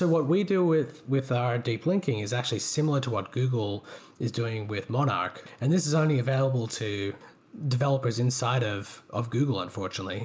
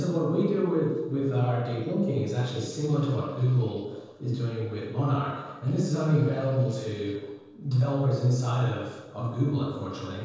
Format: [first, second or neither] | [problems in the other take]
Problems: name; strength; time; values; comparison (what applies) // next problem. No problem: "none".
first | noise reduction (neural separator model SepFormer DNS4)